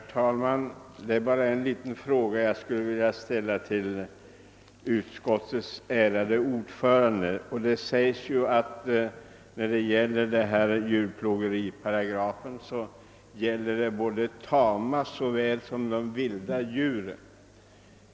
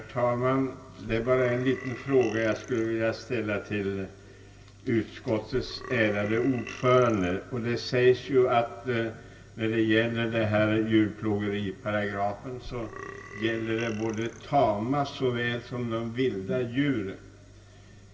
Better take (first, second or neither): first